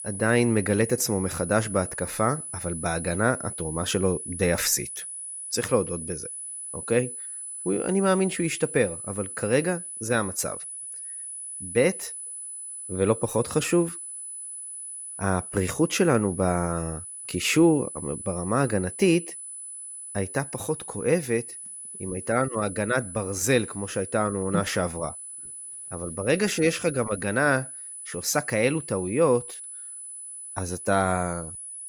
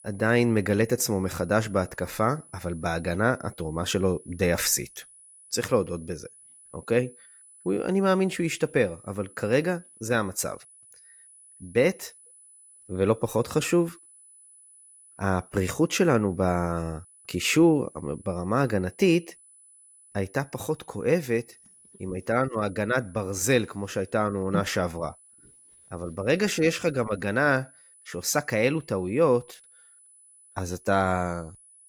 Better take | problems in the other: second | high-pitched whine; loud; throughout; 10 kHz, 9 dB below the speech; faint in the second

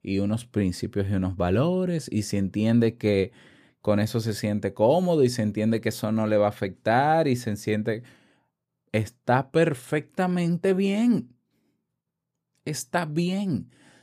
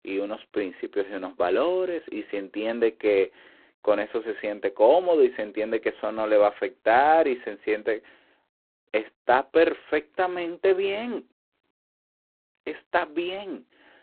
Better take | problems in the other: first | phone-call audio; poor line; nothing above 4 kHz

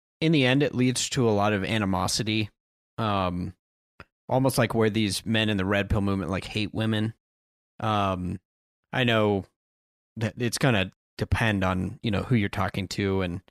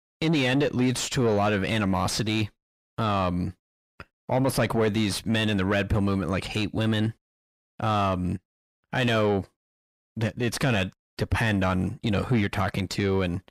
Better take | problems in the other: first | distortion; slight; 10 dB below the speech

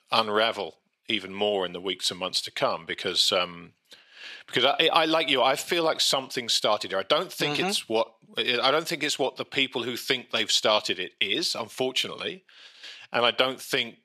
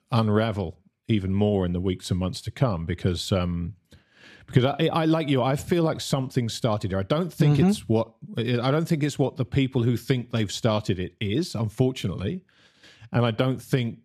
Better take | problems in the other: second | thin; very; fading below 600 Hz

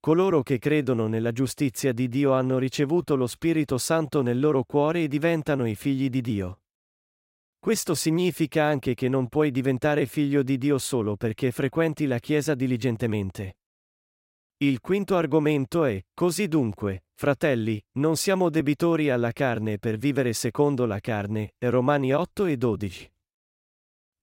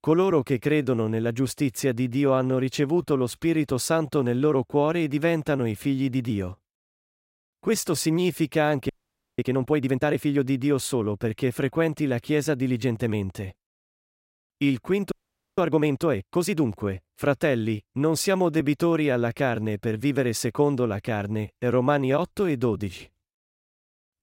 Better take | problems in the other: first | audio freezing; at 9 s and at 15 s

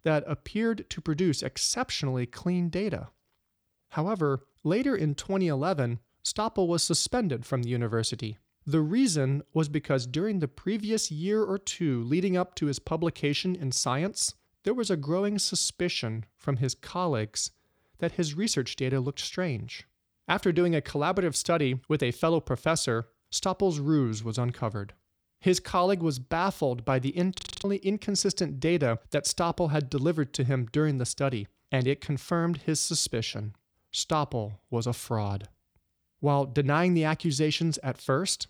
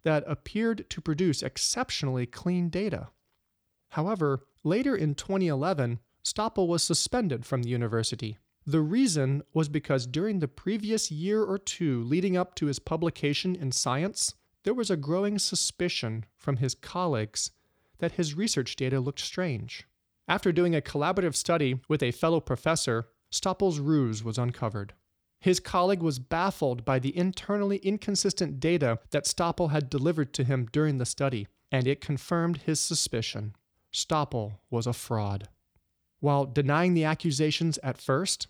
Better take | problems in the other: second | audio freezing; at 27 s

